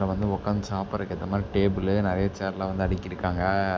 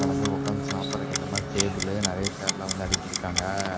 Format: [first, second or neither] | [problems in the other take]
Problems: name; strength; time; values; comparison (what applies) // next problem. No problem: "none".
first | background sound (Acoustic guitar + Clock); 1 dB above the speech